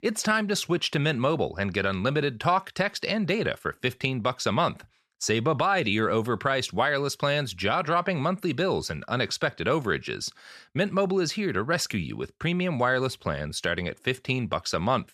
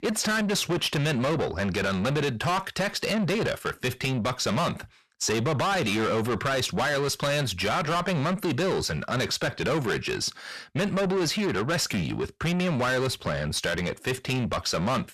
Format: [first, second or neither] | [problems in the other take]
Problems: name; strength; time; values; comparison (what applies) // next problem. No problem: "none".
first | distortion; heavy; 6 dB below the speech